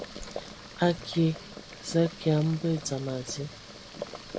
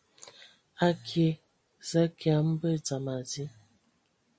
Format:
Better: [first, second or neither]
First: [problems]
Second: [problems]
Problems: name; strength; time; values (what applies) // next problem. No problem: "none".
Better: second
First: background sound (Boiling); 12 dB below the speech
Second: none